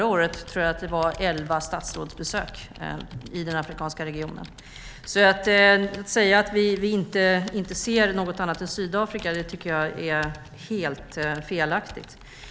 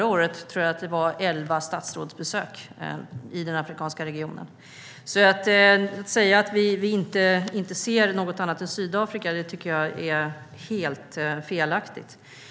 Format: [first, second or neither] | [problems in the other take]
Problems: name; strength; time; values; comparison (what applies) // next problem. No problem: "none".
second | background sound (Computer keyboard); 19 dB below the speech